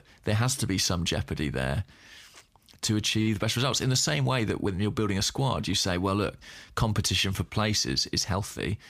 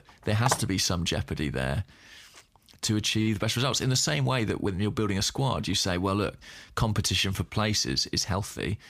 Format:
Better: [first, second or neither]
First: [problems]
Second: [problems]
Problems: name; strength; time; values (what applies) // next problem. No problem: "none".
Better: first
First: none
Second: phone ringing; noticeable; at 0.5 s; peak 4 dB below the speech